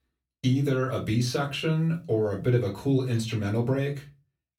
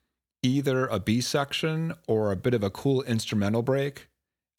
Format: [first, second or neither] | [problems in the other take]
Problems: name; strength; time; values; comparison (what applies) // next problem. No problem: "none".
second | off-mic speech; far // room echo; very slight; dies away in 0.3 s